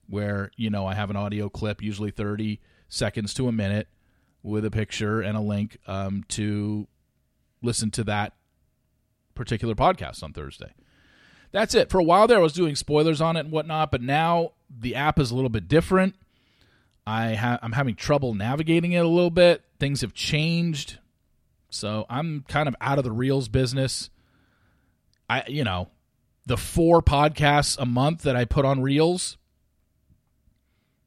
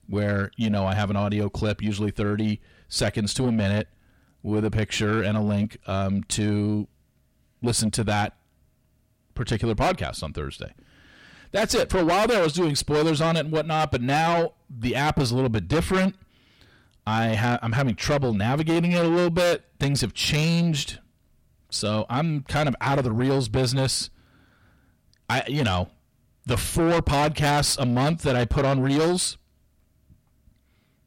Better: first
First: none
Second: distortion; heavy; 6 dB below the speech

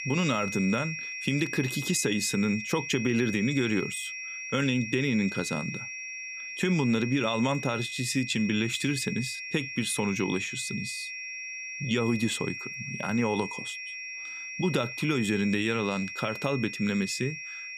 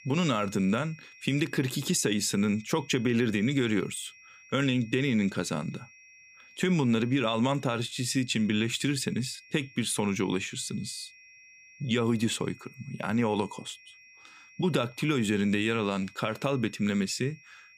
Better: second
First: high-pitched whine; loud; throughout; 2.5 kHz, 7 dB below the speech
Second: high-pitched whine; faint; throughout; 2.5 kHz, 25 dB below the speech

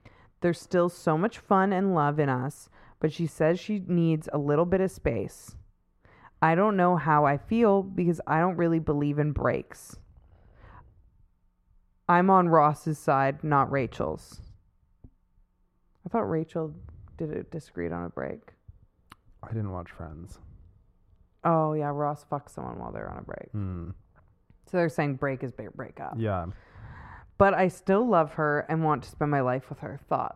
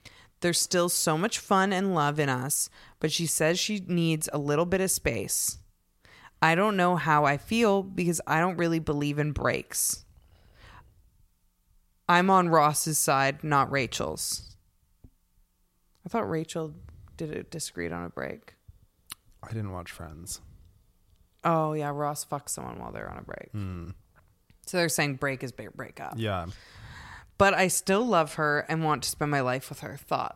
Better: second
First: muffled; very; fading above 2.5 kHz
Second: none

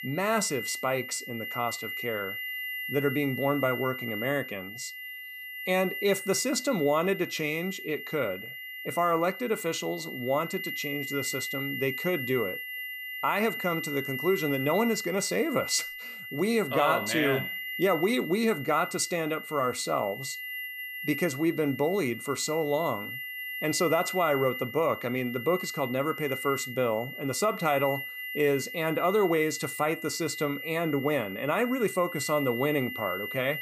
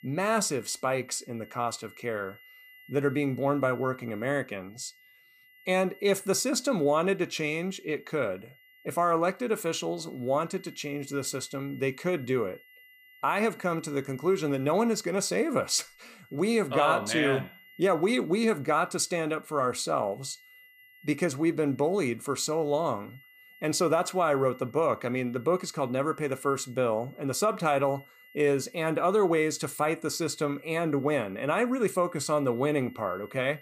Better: second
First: high-pitched whine; loud; throughout; 2 kHz, 7 dB below the speech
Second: high-pitched whine; faint; throughout; 2 kHz, 25 dB below the speech

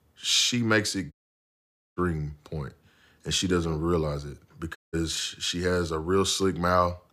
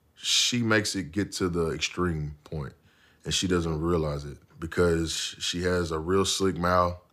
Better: second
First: audio cutting out; at 1 s for 1 s and at 5 s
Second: none

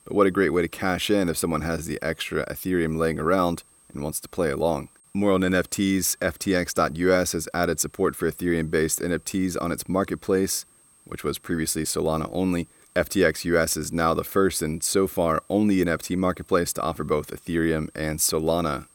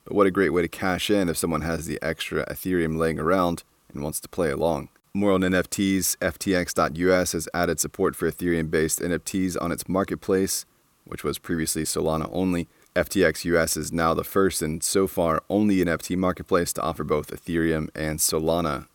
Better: second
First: high-pitched whine; faint; throughout; 8.5 kHz, 30 dB below the speech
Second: none

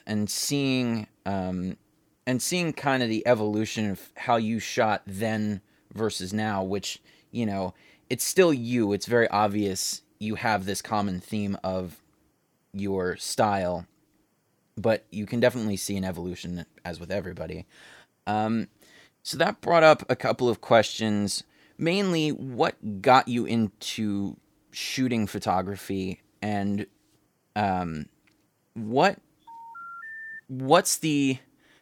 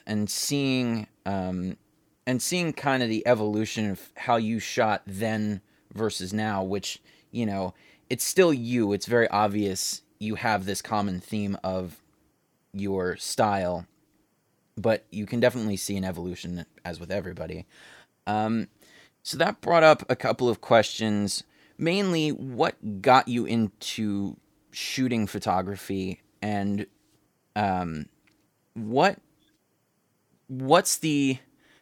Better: second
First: phone ringing; faint; at 29 s; peak 10 dB below the speech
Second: none

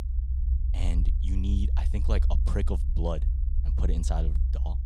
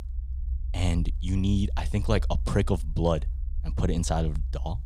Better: second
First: low rumble; loud; throughout; 8 dB below the speech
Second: low rumble; faint; throughout; 20 dB below the speech

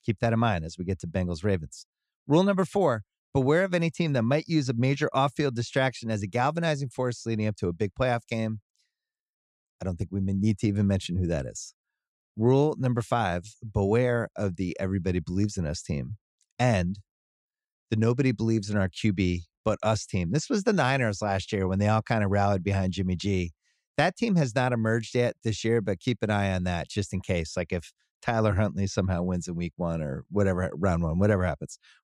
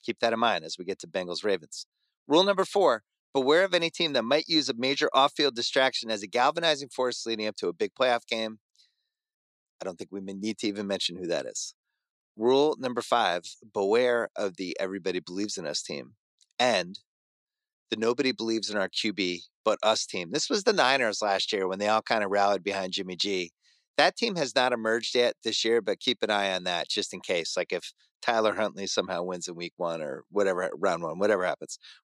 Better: first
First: none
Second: thin; somewhat; fading below 300 Hz

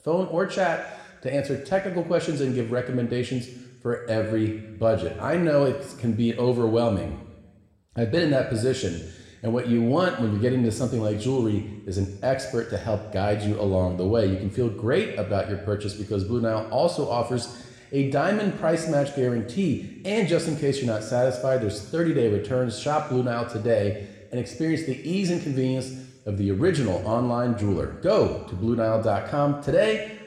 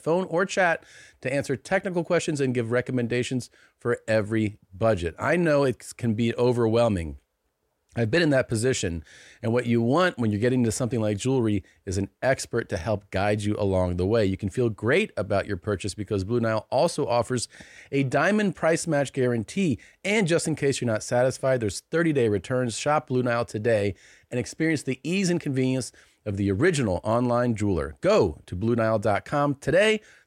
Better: second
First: room echo; slight; dies away in 1.1 s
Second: none

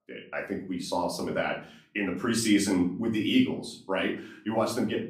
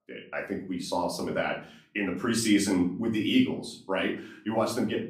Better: neither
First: room echo; slight; dies away in 0.4 s // off-mic speech; far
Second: room echo; slight; dies away in 0.4 s // off-mic speech; far

